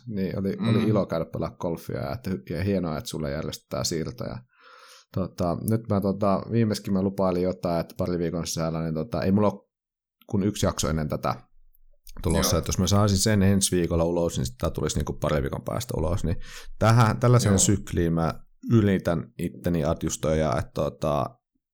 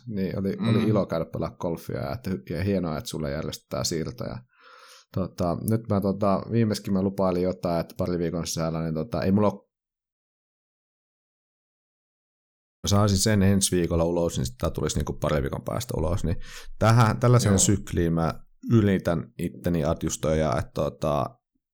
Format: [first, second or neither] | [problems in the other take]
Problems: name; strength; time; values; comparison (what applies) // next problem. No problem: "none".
first | audio cutting out; at 10 s for 2.5 s